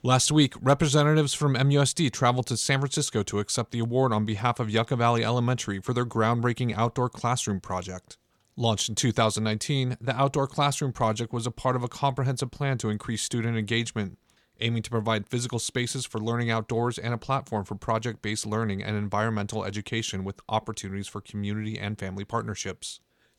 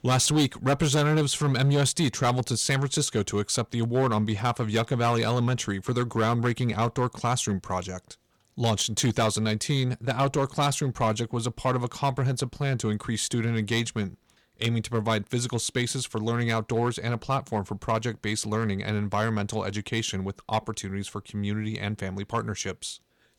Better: first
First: none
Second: distortion; slight; 4% of the sound clipped

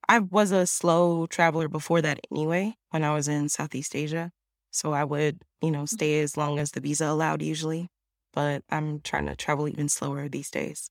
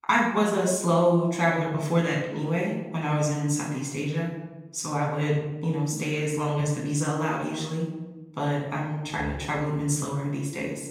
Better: first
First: none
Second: off-mic speech; far // room echo; noticeable; dies away in 1 s

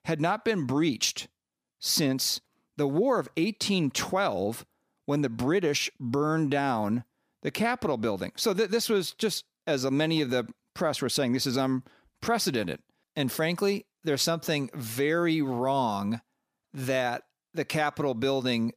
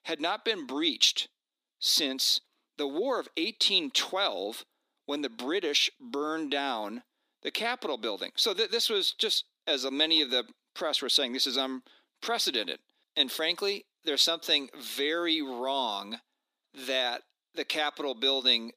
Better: first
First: none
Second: thin; very slightly; fading below 250 Hz

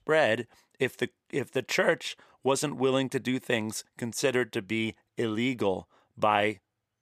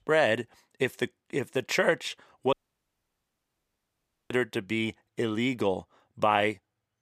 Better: first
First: none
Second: audio cutting out; at 2.5 s for 2 s

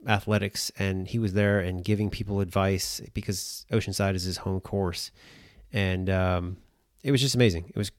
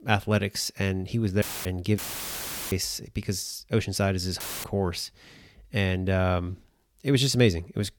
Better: first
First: none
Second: audio cutting out; filled with static; at 1.5 s, at 2 s for 0.5 s and at 4.5 s

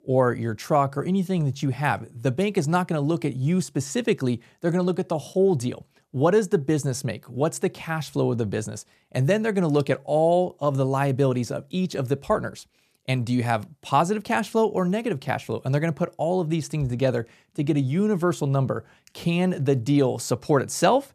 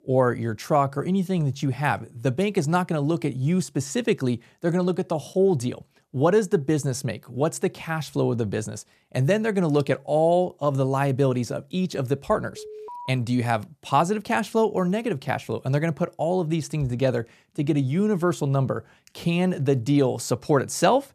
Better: first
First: none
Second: alarm; faint; at 13 s; peak 15 dB below the speech

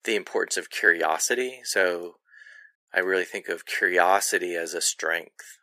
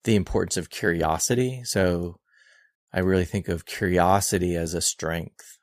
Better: second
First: thin; very; fading below 350 Hz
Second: none

